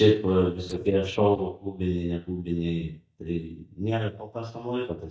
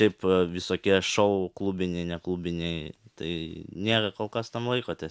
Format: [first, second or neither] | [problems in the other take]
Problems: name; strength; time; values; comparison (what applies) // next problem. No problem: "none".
second | noise reduction (neural mask model DeepFilterNet 3)